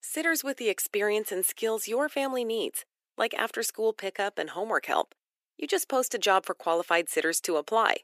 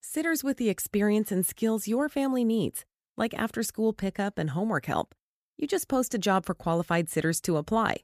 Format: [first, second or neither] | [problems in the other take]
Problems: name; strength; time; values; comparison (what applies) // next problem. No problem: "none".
second | thin; very; fading below 350 Hz